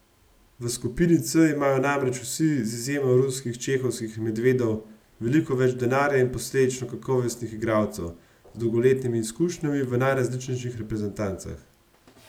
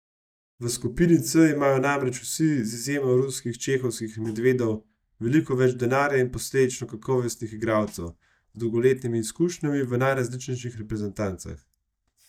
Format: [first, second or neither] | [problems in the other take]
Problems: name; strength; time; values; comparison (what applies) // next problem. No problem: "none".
first | noise reduction (neural mask model DeepFilterNet 3)